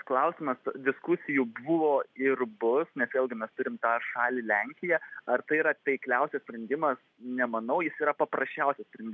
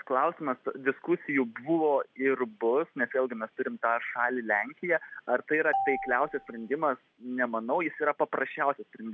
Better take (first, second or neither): first